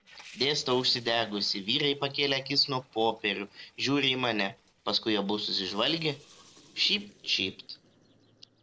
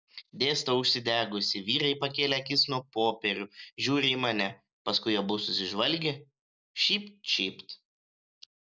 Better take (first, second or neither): second